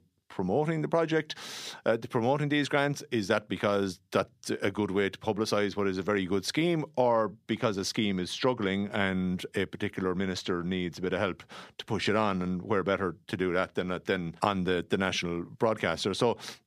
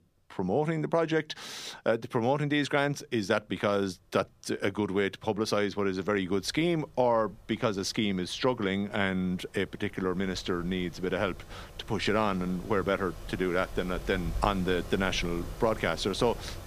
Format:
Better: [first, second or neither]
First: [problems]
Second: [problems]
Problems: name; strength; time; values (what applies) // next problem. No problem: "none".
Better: first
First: none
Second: machinery noise; noticeable; throughout; 15 dB below the speech